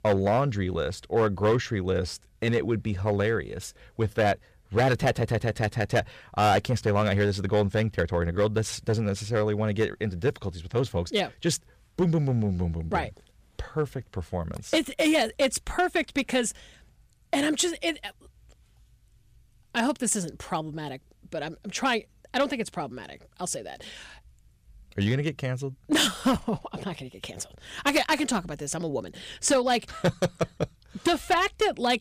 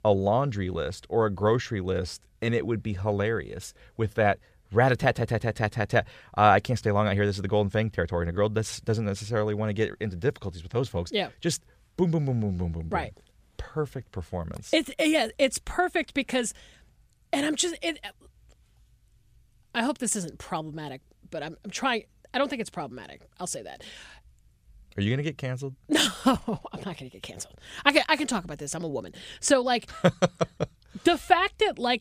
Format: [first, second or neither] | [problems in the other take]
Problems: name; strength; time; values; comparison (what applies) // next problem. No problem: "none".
second | distortion; slight; 3% of the sound clipped